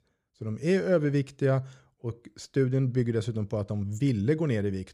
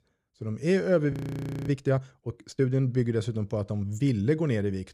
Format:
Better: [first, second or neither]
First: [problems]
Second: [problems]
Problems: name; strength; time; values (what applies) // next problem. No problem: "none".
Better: first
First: none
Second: audio freezing; at 1 s for 0.5 s